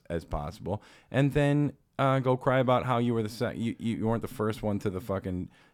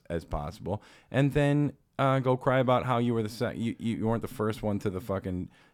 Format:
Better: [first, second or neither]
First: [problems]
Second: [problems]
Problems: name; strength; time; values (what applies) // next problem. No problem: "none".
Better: neither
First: none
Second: none